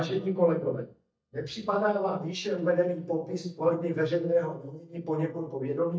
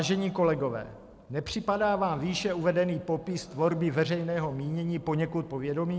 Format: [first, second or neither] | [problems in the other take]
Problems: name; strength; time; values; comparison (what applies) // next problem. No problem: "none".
second | noise reduction (neural mask model DeepFilterNet 3)